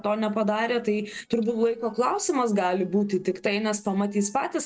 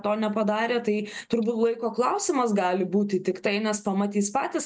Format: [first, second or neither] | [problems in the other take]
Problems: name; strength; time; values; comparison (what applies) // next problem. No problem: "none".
second | noise reduction (neural separator model SepFormer DNS4)